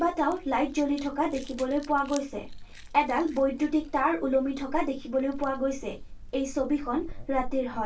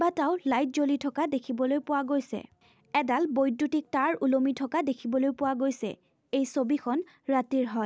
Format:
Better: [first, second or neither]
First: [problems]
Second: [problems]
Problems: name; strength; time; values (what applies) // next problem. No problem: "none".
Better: second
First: background sound (Chewing, mastication); 12 dB below the speech // room echo; dies away in 0.1 s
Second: none